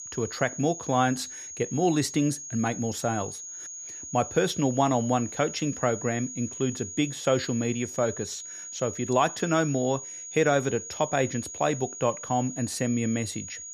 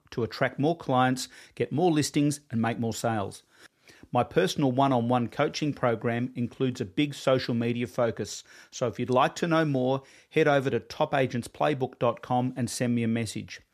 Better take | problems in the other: second | high-pitched whine; loud; throughout; 6.5 kHz, 9 dB below the speech

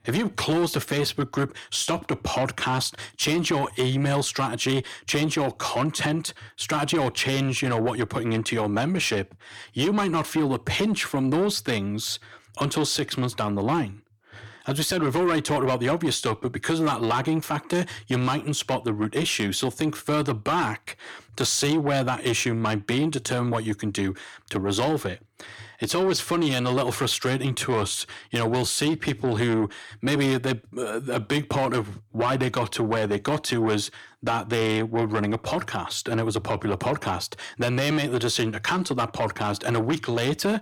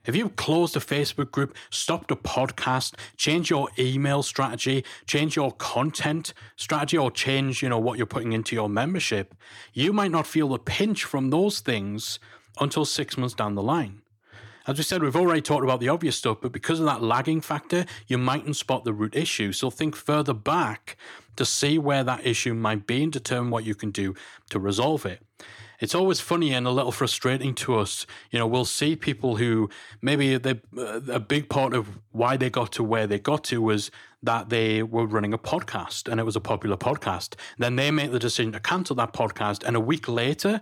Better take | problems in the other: second | distortion; slight; 10 dB below the speech

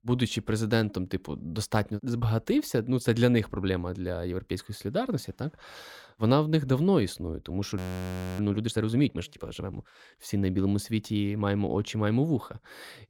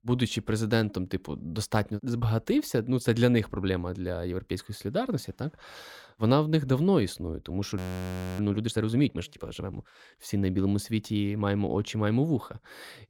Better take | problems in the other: neither | audio freezing; at 8 s for 0.5 s; the same in both

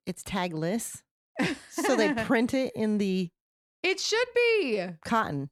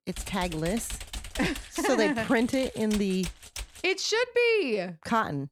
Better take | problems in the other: first | keyboard typing; faint; until 4 s; peak 10 dB below the speech

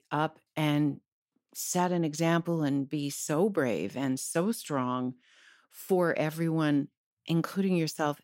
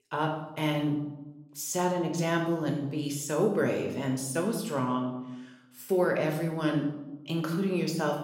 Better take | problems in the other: first | room echo; slight; dies away in 0.7 s // off-mic speech; somewhat distant

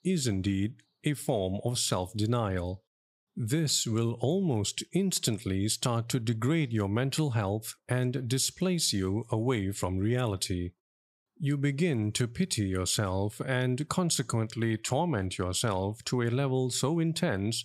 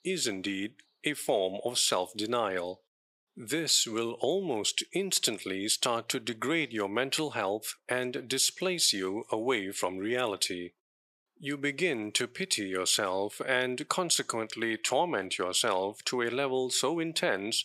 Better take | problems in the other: first | thin; somewhat; fading below 400 Hz

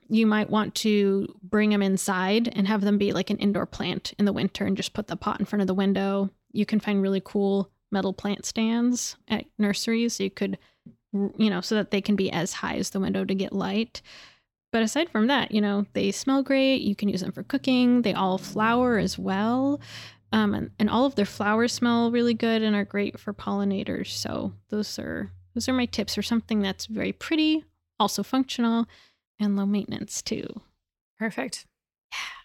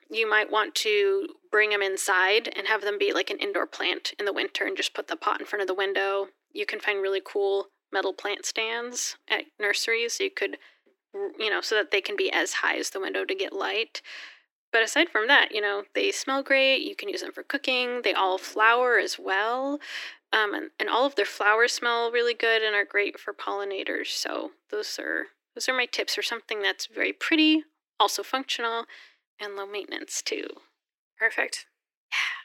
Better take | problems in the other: first | thin; very; fading below 300 Hz

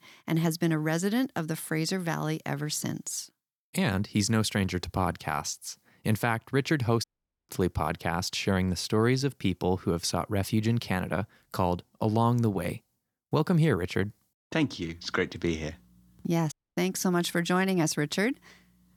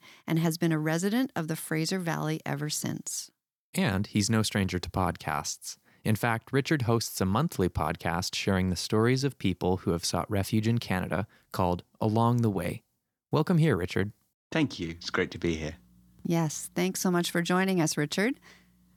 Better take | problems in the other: second | audio cutting out; at 7 s and at 17 s

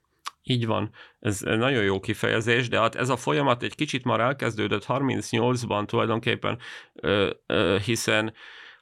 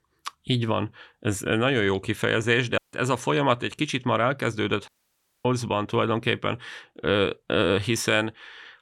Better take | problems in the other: first | audio cutting out; at 3 s and at 5 s for 0.5 s

